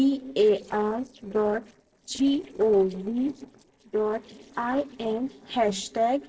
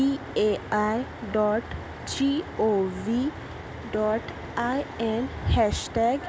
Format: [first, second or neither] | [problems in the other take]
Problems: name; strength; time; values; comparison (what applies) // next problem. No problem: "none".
second | noise reduction (neural separator model SepFormer DNS4)